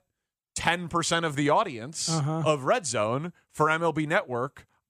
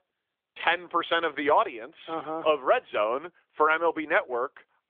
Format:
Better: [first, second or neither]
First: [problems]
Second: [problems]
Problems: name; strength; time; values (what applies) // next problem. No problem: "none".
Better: first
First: none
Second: phone-call audio; nothing above 3.5 kHz